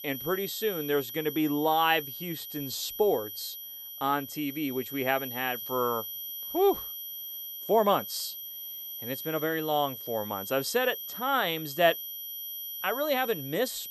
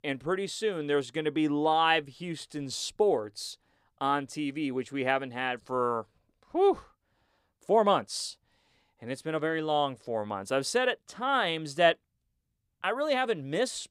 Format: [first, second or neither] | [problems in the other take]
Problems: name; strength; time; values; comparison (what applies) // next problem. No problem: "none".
second | high-pitched whine; loud; throughout; 12 kHz, 7 dB below the speech